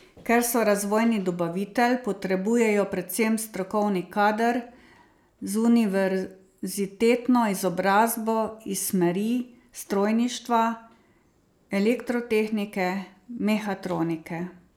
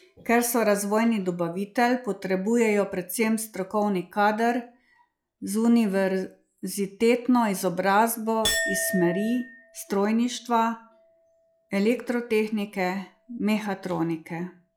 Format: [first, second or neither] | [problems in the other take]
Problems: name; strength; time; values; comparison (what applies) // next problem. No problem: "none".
first | noise reduction (classical method log-MMSE)